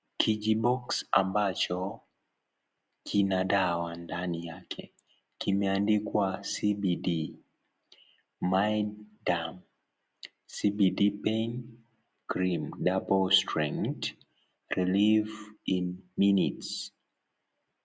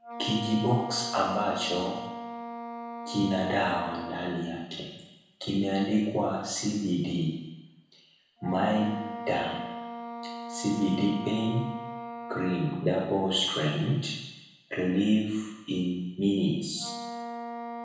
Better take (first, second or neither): first